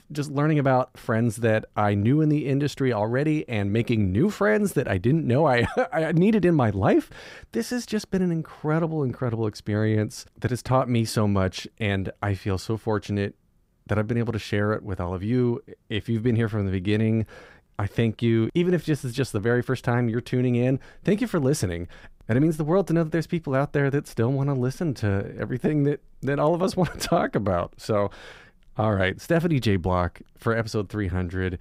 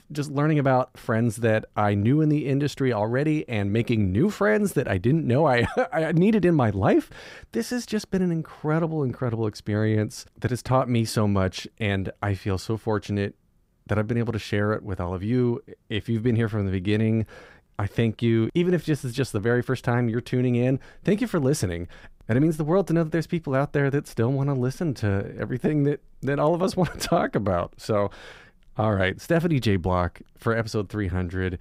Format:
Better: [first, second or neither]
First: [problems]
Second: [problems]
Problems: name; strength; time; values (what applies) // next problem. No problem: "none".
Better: neither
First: none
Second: none